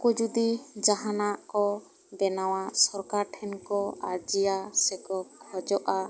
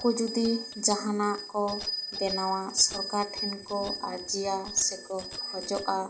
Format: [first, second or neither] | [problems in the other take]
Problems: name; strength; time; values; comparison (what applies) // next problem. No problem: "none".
first | background sound (Bicycle bell); 9 dB below the speech // room echo; dies away in 0.4 s